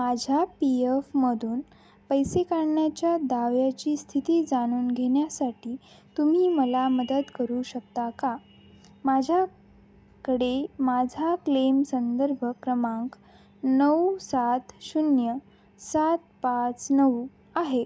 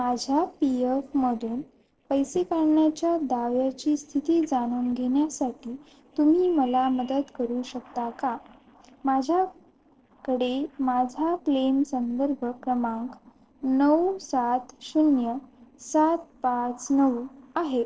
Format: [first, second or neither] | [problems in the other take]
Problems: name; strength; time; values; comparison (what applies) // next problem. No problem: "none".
first | noise reduction (neural separator model SepFormer DNS4)